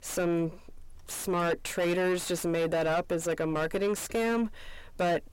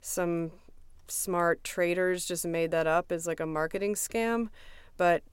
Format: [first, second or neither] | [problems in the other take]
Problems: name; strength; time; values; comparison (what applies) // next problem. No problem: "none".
second | distortion; heavy; 7 dB below the speech